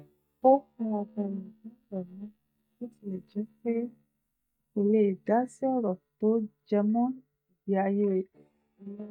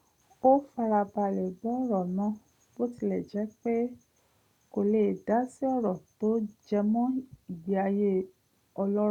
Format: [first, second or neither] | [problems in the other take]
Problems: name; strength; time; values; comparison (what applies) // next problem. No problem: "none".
second | noise reduction (neural mask model DeepFilterNet 3)